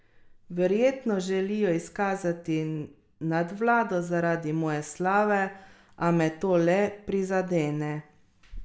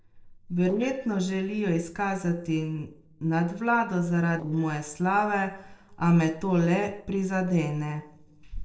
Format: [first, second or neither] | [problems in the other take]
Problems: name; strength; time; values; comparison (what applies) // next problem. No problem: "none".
first | noise reduction (neural separator model SepFormer DNS4)